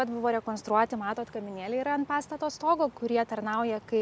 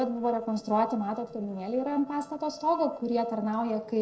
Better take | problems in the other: first | noise reduction (neural separator model SepFormer DNS4)

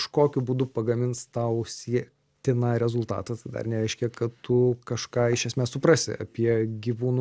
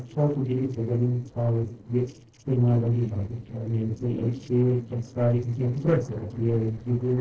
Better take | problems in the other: first | noise reduction (neural separator model SepFormer DNS4)

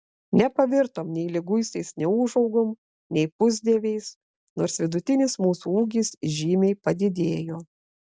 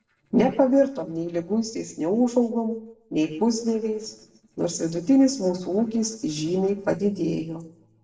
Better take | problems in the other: first | noise reduction (neural separator model SepFormer DNS4)

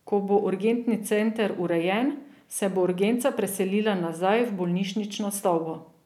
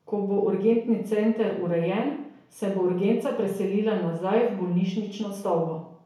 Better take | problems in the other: first | room echo; dies away in 0.6 s

